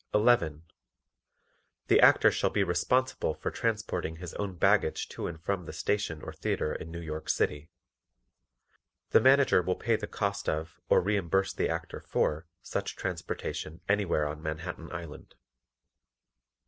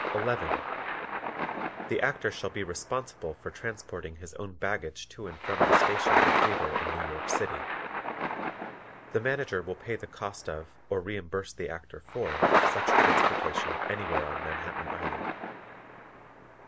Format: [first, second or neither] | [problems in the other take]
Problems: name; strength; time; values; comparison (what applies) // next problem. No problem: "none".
first | background sound (Thunder); 5 dB above the speech